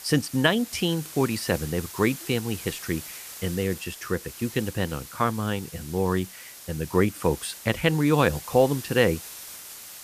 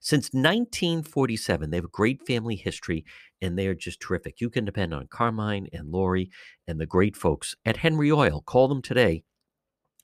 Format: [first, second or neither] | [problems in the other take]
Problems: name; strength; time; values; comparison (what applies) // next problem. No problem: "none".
second | hiss; noticeable; throughout; 15 dB below the speech